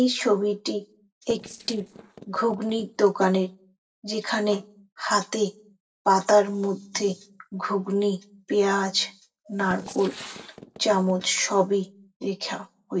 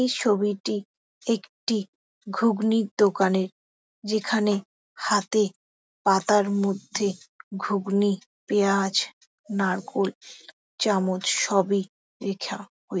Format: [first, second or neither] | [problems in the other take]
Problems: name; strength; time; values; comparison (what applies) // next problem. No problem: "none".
second | noise reduction (neural separator model SepFormer DNS4)